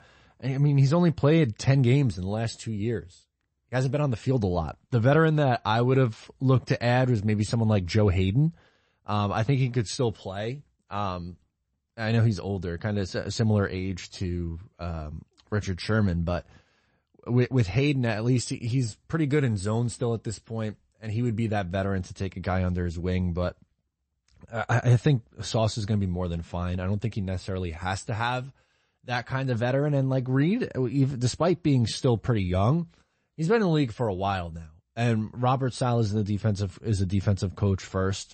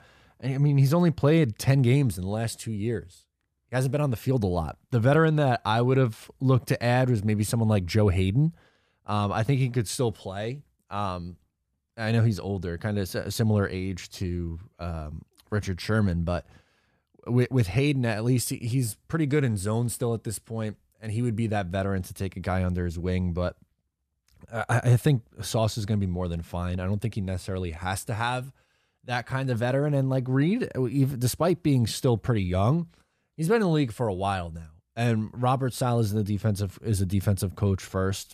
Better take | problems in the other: second | garbled, watery; slightly; nothing above 8 kHz

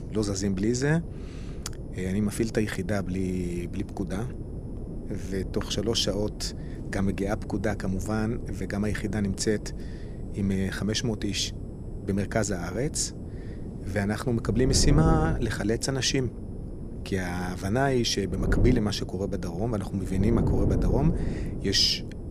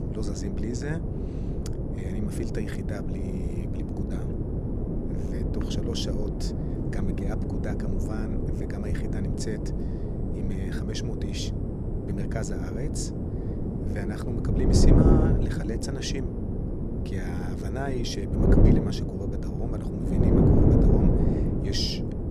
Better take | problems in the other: first | wind noise on the microphone; heavy; 4 dB above the speech; occasional gusts in the first

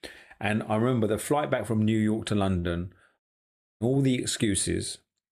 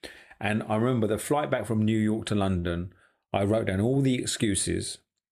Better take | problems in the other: second | audio cutting out; at 3 s for 0.5 s

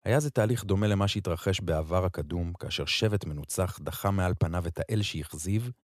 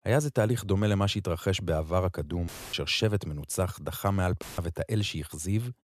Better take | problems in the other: first | audio cutting out; filled with static; at 2.5 s and at 4.5 s

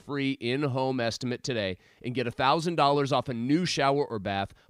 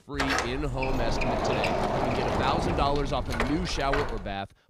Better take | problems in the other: first | door banging; loud; peak 4 dB above the speech

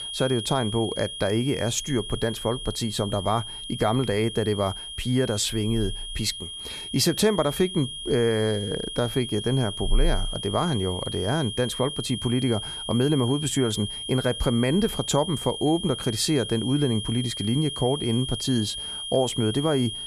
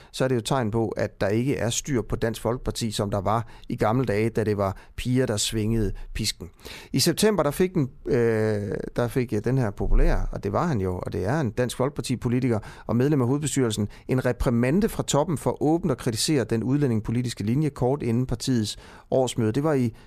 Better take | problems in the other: second | high-pitched whine; loud; throughout; 3 kHz, 7 dB below the speech

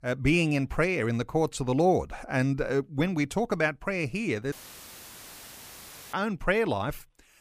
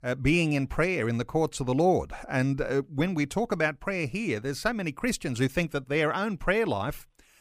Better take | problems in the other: second | audio cutting out; filled with static; at 4.5 s for 1.5 s

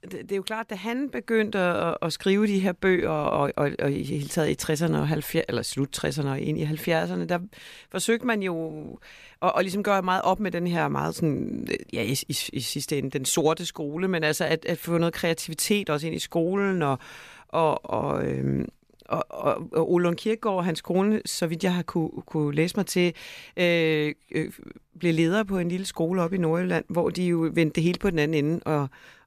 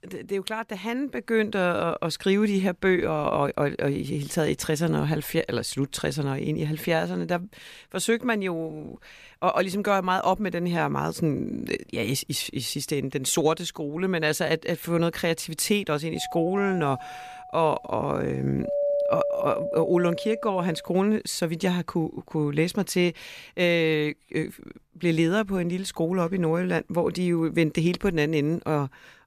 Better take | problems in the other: first | doorbell; loud; from 16 to 21 s; peak 1 dB above the speech

